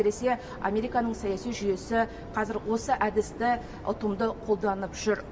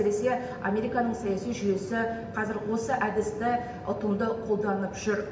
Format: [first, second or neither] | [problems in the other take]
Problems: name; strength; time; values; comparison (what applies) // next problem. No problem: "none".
first | room echo; dies away in 0.8 s